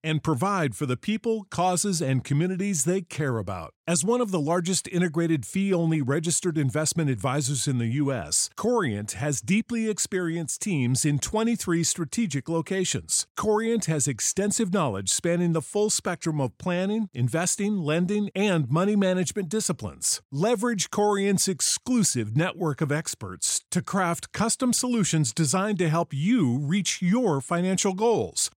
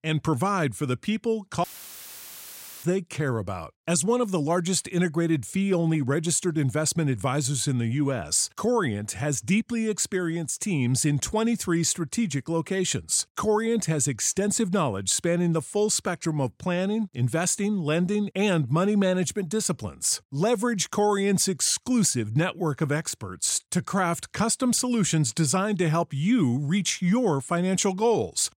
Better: first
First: none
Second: audio cutting out; filled with static; at 1.5 s for 1 s

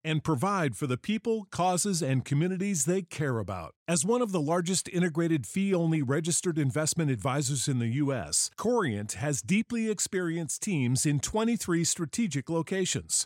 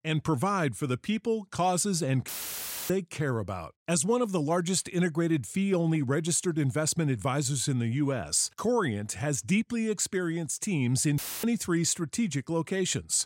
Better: first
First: none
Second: audio cutting out; filled with static; at 2.5 s for 0.5 s and at 11 s

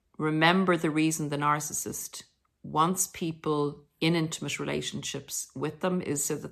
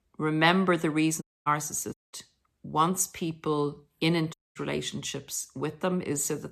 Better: first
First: none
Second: audio cutting out; at 1 s, at 2 s and at 4.5 s

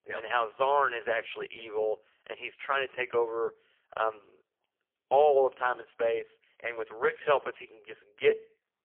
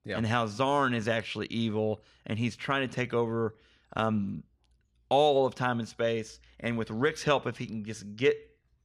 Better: second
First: phone-call audio; poor line; nothing above 3 kHz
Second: none

